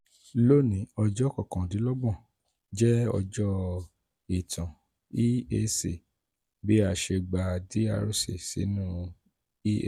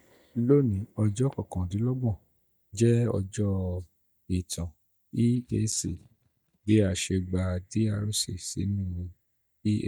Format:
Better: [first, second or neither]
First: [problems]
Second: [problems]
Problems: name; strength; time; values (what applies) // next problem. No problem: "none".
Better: first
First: none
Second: noise reduction (neural mask model DeepFilterNet 3)